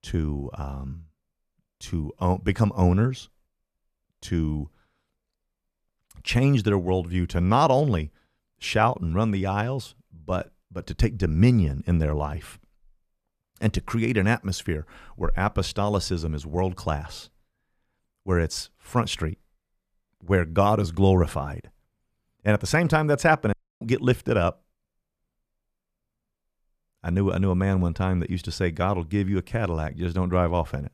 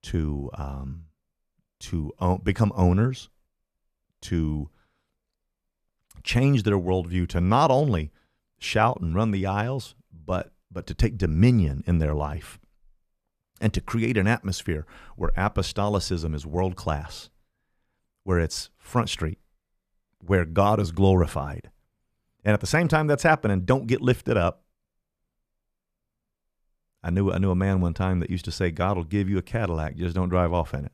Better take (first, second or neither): second